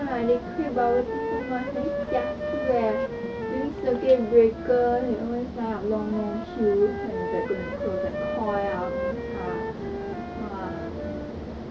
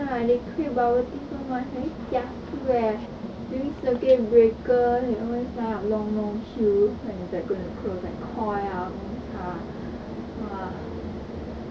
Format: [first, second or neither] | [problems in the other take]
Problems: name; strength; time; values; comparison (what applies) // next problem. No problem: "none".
second | background sound (Wind instrument, woodwind instrument); 6 dB below the speech